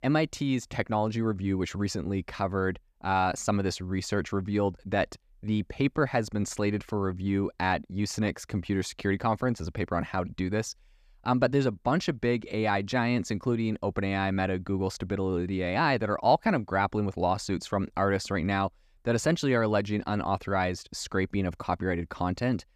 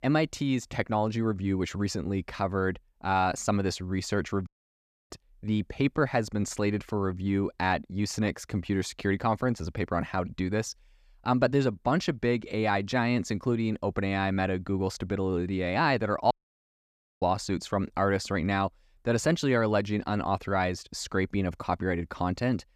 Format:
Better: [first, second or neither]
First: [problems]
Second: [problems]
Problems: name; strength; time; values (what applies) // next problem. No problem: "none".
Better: first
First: none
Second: audio cutting out; at 4.5 s for 0.5 s and at 16 s for 1 s